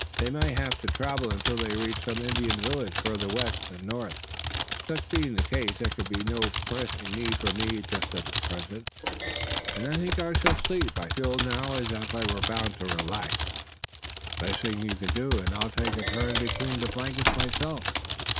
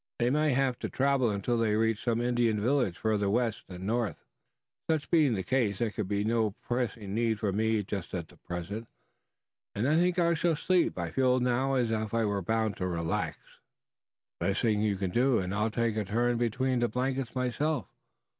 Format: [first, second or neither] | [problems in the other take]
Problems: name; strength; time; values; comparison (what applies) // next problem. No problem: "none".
second | background sound (Thump, thud + Typing); 1 dB above the speech